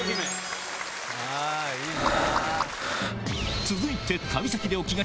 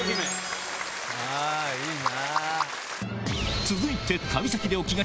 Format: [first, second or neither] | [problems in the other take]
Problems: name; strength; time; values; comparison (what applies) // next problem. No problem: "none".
second | background sound (Breathing); 1 dB below the speech